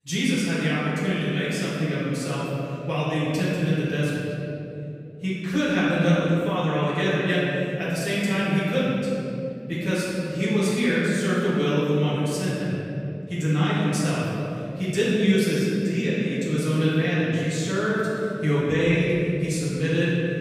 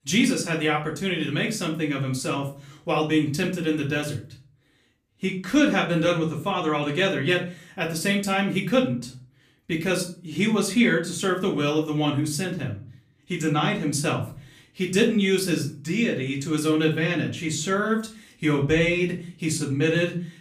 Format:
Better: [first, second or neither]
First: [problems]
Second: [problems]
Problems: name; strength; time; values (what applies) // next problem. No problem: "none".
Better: second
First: room echo; strong; dies away in 3 s // off-mic speech; far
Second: room echo; slight; dies away in 0.3 s // off-mic speech; far